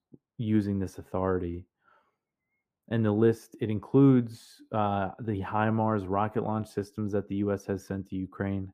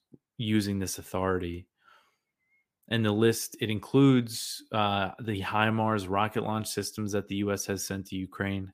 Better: second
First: muffled; very; fading above 2 kHz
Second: none

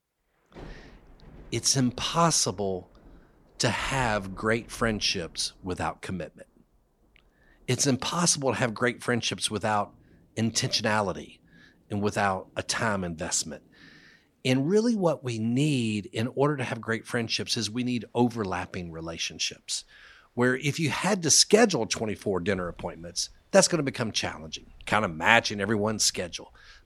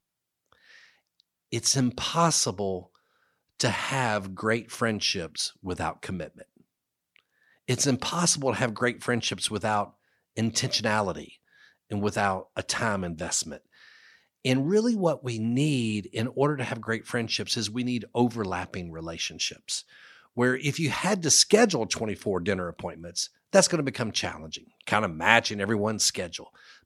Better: second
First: rain or running water; faint; throughout; 30 dB below the speech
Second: none

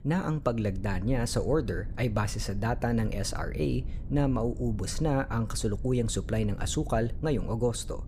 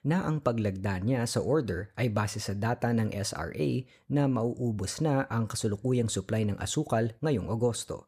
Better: second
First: low rumble; faint; throughout; 20 dB below the speech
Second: none

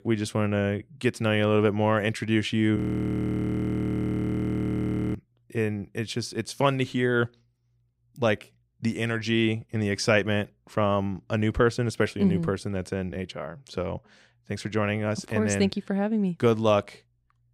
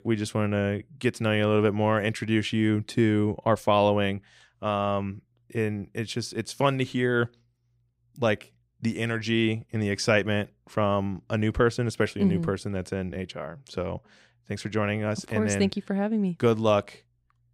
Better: second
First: audio freezing; at 3 s for 2.5 s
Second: none

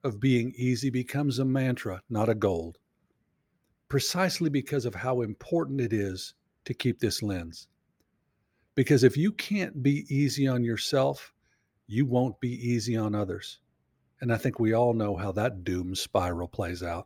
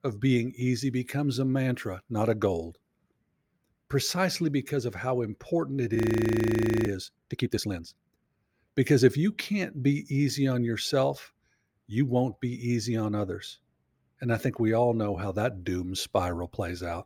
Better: first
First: none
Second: audio freezing; at 6 s for 1 s

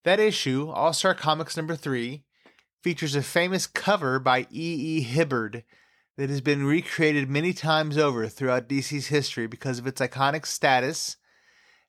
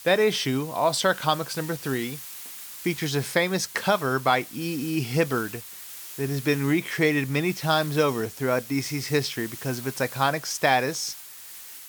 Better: first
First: none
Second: hiss; noticeable; throughout; 15 dB below the speech

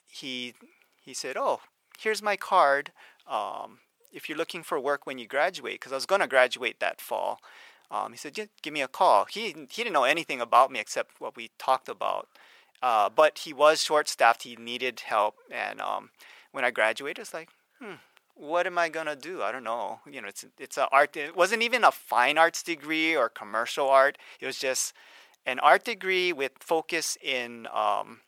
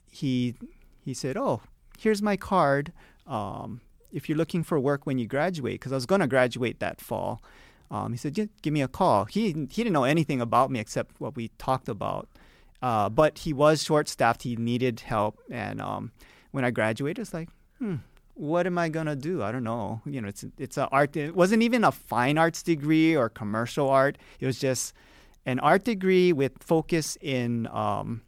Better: second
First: thin; very; fading below 700 Hz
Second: none

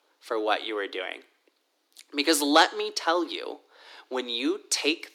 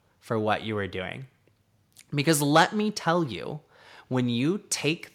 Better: second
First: thin; very slightly; fading below 300 Hz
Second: none

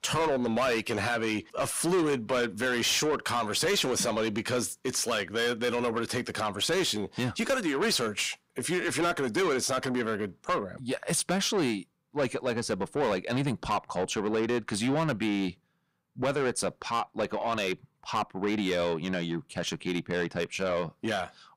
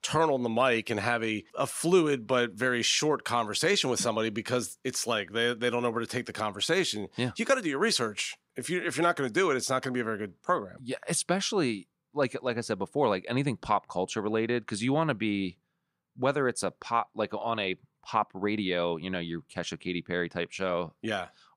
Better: second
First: distortion; heavy; 8 dB below the speech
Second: none

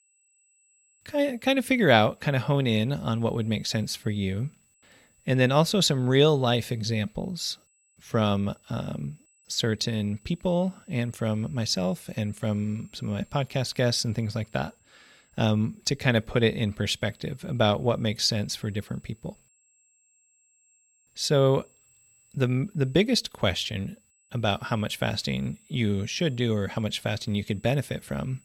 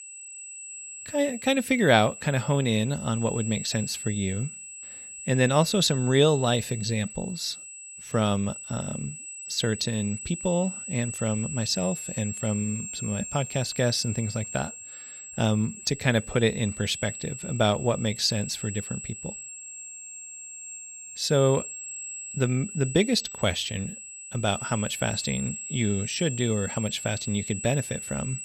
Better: first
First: high-pitched whine; faint; throughout; 8 kHz, 35 dB below the speech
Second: high-pitched whine; loud; throughout; 8 kHz, 9 dB below the speech

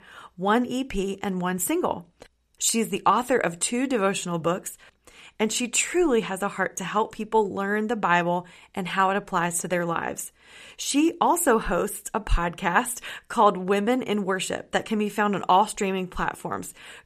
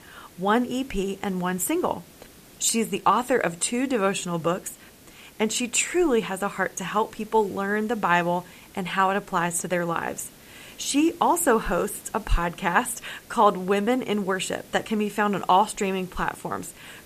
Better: first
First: none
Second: hiss; faint; throughout; 25 dB below the speech

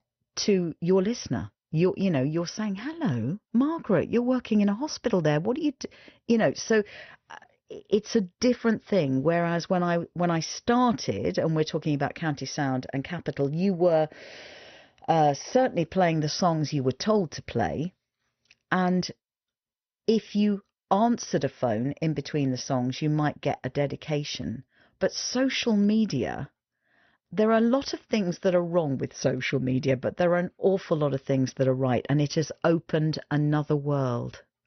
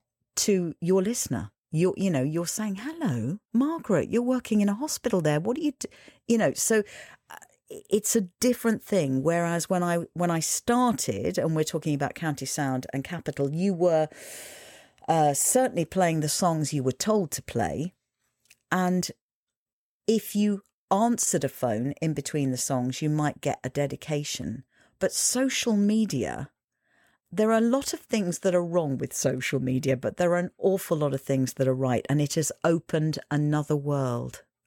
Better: second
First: garbled, watery; slightly; nothing above 6 kHz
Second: none

